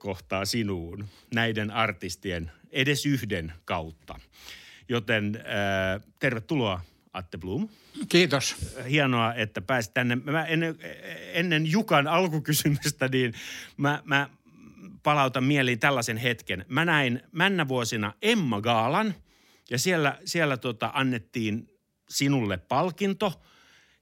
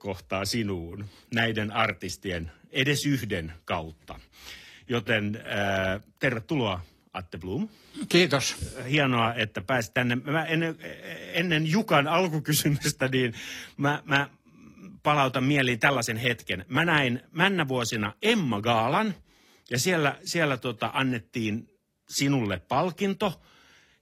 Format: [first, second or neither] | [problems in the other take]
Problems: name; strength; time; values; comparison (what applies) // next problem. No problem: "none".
first | garbled, watery; slightly; nothing above 14.5 kHz